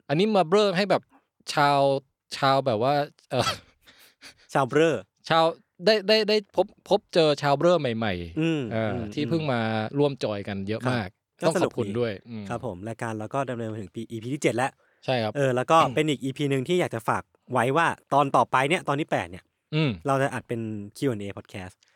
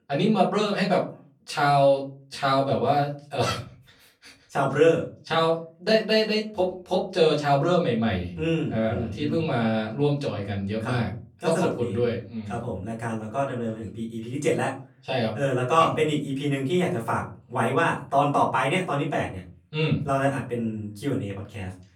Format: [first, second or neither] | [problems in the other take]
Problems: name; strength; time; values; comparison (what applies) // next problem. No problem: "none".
first | off-mic speech; far // room echo; slight; dies away in 0.4 s